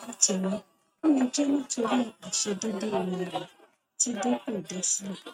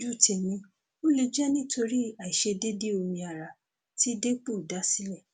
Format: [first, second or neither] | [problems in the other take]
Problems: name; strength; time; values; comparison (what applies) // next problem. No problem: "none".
second | noise reduction (neural mask model RNNoise)